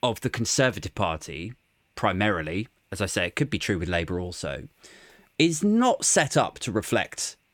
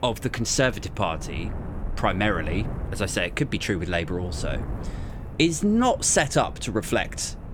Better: first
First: none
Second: wind noise on the microphone; occasional gusts; 20 dB below the speech

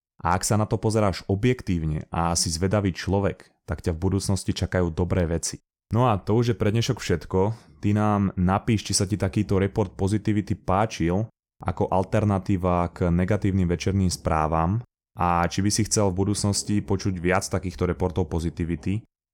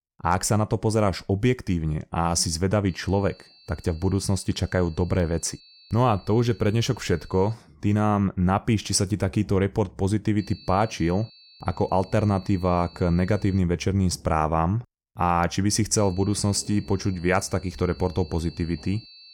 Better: first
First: none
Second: high-pitched whine; faint; from 3 to 7.5 s, from 10 to 14 s and from 16 s on; 4.5 kHz, 25 dB below the speech

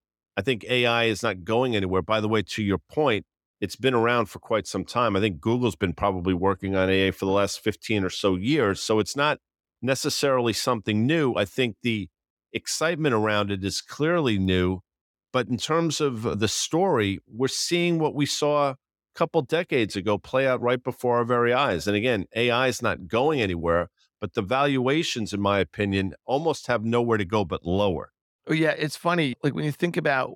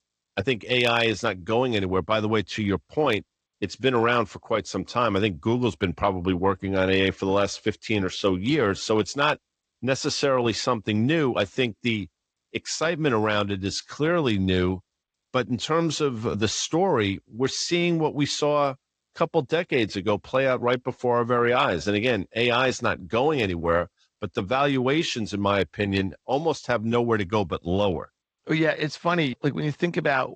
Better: first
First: none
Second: garbled, watery; slightly; nothing above 17 kHz

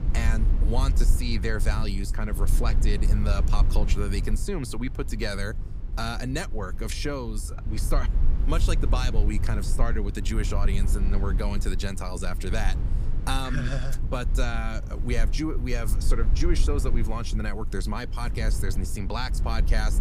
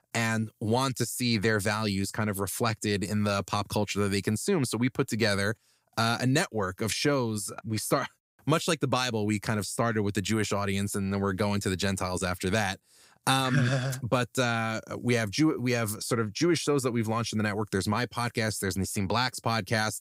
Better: second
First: low rumble; noticeable; throughout; 10 dB below the speech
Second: none

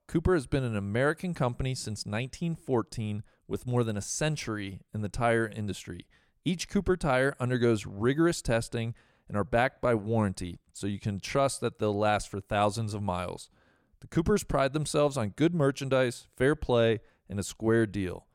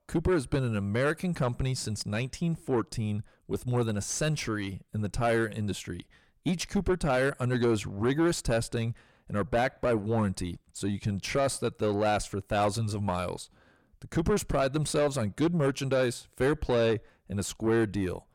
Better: first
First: none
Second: distortion; slight; 9 dB below the speech

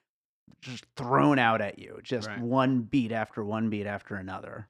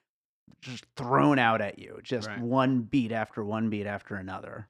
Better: neither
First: none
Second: none

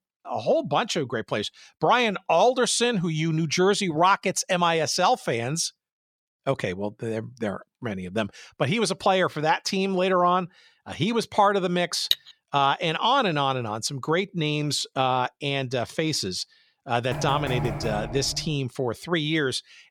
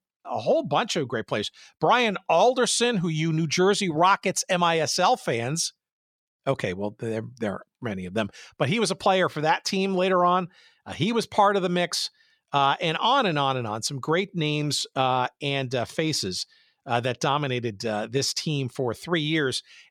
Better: second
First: clattering dishes; very faint; at 12 s; peak 1 dB below the speech // door banging; noticeable; from 17 to 19 s; peak 5 dB below the speech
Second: none

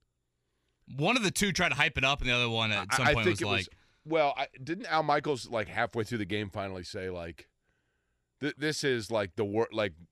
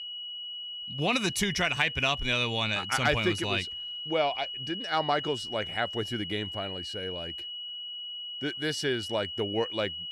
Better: first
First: none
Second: high-pitched whine; loud; throughout; 3 kHz, 6 dB below the speech

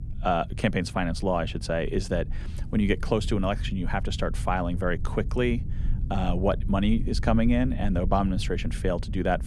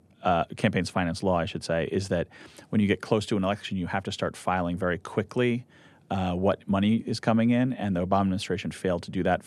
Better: second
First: low rumble; noticeable; throughout; 20 dB below the speech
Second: none

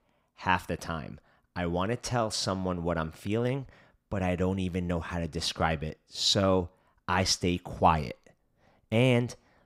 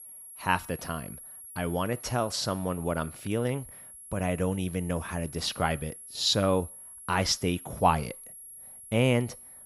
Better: first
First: none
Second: high-pitched whine; noticeable; throughout; 11 kHz, 15 dB below the speech

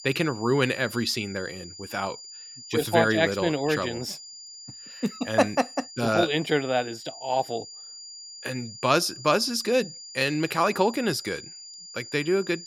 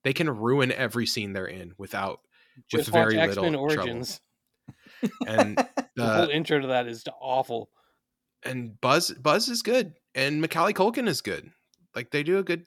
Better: second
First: high-pitched whine; noticeable; throughout; 5 kHz, 15 dB below the speech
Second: none

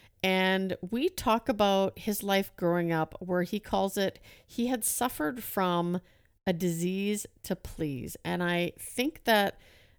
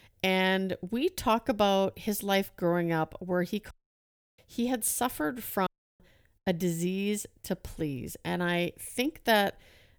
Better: first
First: none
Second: audio cutting out; at 3.5 s for 0.5 s and at 5.5 s

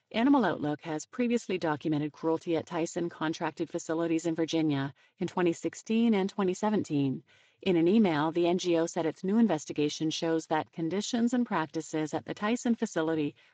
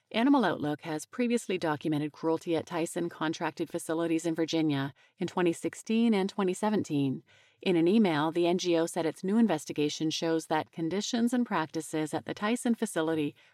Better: second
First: garbled, watery; slightly; nothing above 7.5 kHz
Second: none

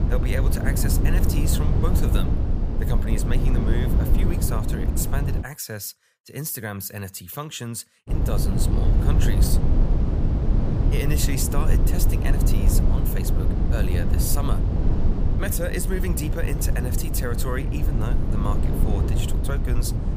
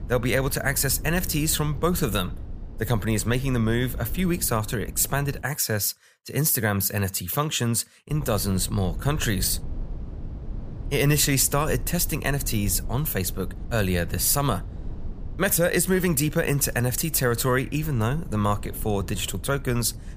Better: second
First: low rumble; loud; until 5.5 s and from 8 s on; 2 dB below the speech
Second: low rumble; faint; until 5.5 s and from 8 s on; 20 dB below the speech

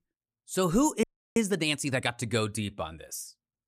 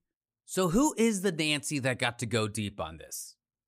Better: second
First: audio freezing; at 1 s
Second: none

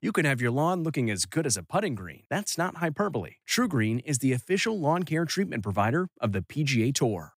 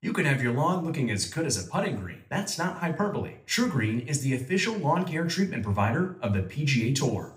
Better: first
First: none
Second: room echo; very slight; dies away in 0.4 s

